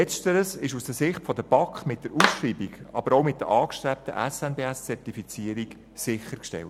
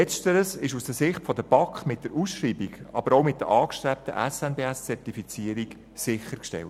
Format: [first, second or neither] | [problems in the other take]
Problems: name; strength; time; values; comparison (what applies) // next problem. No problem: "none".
second | background sound (Clapping); 1 dB below the speech